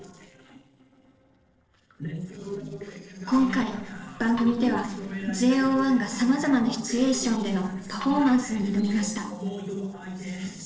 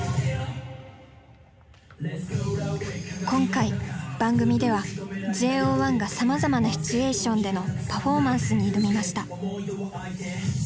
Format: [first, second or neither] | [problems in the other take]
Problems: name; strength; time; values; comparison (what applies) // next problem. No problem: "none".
second | noise reduction (neural separator model SepFormer DNS4)